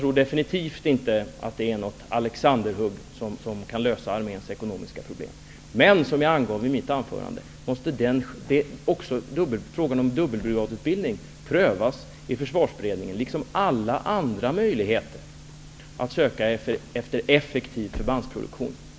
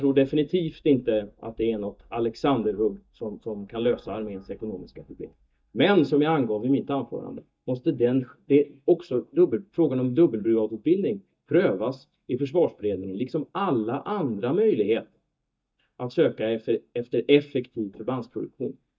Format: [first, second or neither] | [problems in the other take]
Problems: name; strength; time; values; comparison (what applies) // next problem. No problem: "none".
first | noise reduction (neural mask model DeepFilterNet 3)